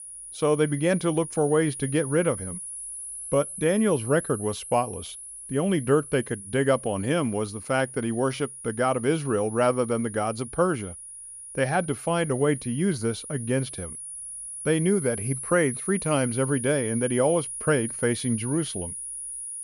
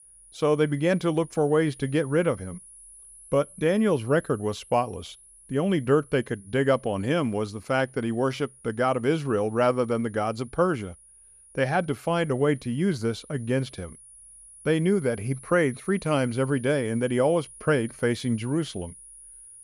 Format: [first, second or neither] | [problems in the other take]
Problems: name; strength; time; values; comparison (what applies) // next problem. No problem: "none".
second | high-pitched whine; loud; throughout; 10.5 kHz, 9 dB below the speech; faint in the second